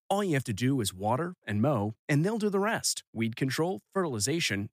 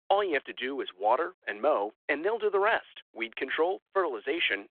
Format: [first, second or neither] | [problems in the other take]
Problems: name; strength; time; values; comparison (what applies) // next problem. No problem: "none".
first | phone-call audio